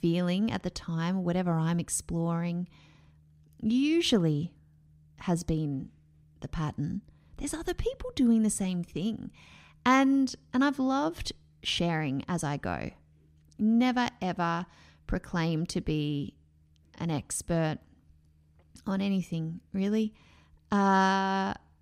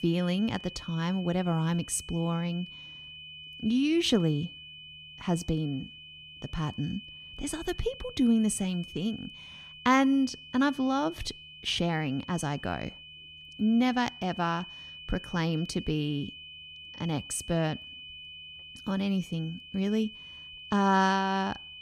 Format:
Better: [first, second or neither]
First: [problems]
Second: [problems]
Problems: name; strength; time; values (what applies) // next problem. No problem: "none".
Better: first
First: none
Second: high-pitched whine; noticeable; throughout; 3 kHz, 15 dB below the speech